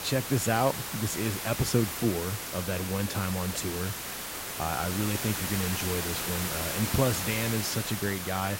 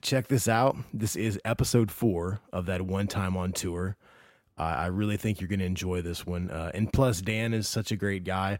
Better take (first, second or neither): second